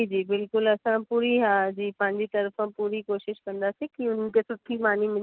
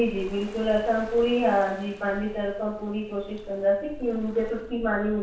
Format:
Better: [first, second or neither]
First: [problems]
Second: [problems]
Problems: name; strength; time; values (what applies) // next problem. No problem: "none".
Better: first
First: none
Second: background sound (Waves, surf); 16 dB below the speech // room echo; dies away in 0.7 s